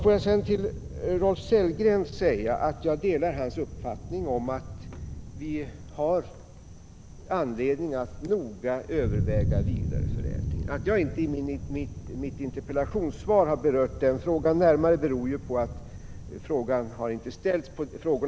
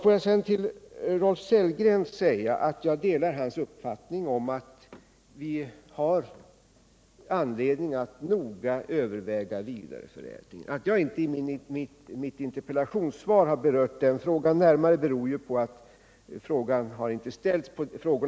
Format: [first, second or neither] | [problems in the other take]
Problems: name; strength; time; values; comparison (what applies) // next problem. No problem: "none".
second | background sound (Thunder); 7 dB below the speech